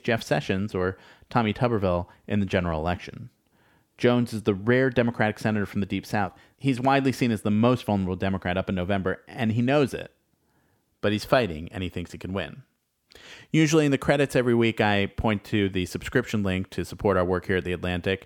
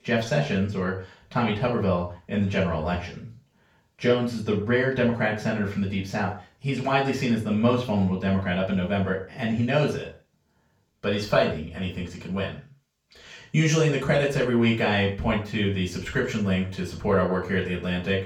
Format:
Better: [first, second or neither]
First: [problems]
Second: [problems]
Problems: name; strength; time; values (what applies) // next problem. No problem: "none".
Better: first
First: none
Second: room echo; noticeable; dies away in 0.3 s // off-mic speech; far